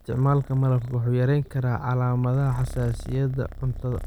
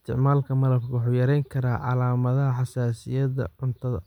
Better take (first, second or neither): second